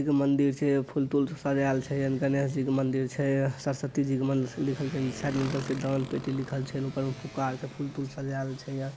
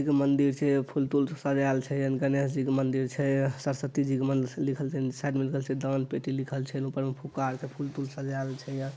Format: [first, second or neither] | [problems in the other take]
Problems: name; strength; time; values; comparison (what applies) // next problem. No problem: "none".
second | background sound (Motorcycle); 17 dB below the speech